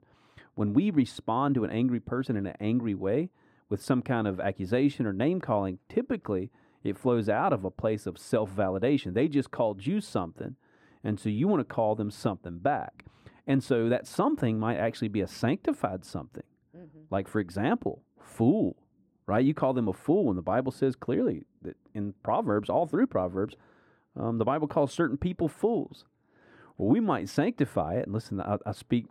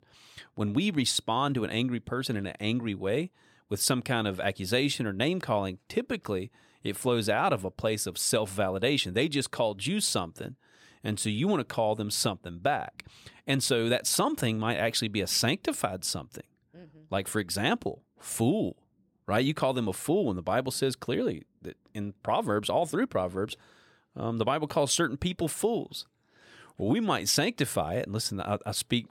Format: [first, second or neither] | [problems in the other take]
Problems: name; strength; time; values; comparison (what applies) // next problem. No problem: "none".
second | muffled; very; fading above 2.5 kHz